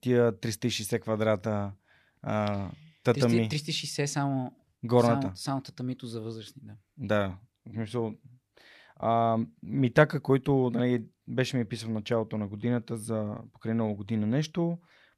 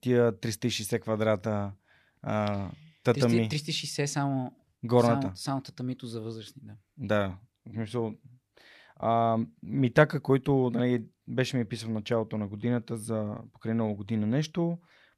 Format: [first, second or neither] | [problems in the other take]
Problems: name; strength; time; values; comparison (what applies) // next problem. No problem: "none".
neither | none